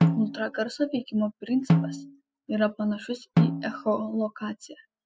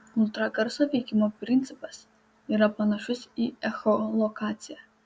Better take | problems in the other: second | noise reduction (classical method spectral subtraction)

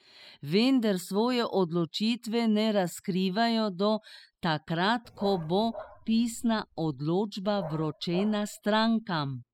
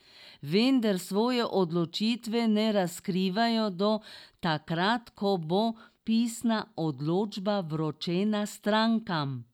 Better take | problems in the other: second | noise reduction (classical method spectral subtraction)

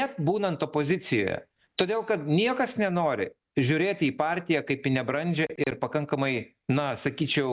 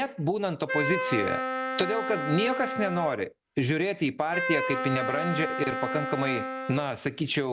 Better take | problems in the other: first | background sound (Wind instrument, woodwind instrument); 3 dB below the speech

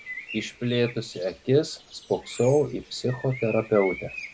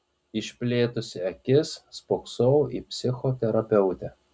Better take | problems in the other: second | background sound (Bird); 14 dB below the speech

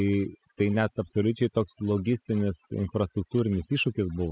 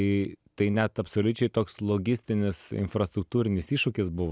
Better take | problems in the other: second | noise reduction (classical method spectral subtraction)

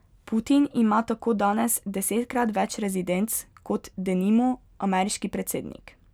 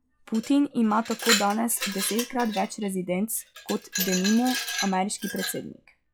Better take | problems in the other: first | noise reduction (classical method log-MMSE)

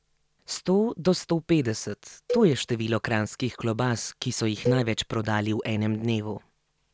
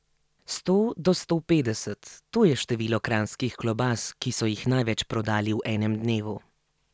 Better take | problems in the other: second | background sound (Cowbell); 10 dB below the speech

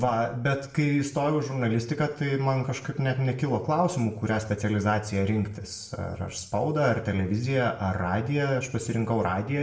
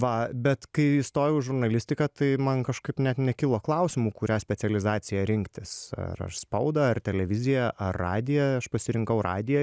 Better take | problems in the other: second | room echo; dies away in 0.5 s

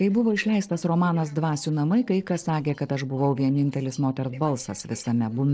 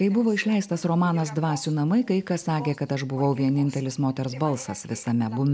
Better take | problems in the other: second | noise reduction (neural separator model SepFormer DNS4)

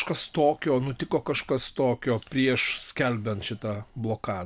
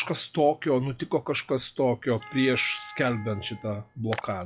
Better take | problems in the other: first | noise reduction (classical method log-MMSE)

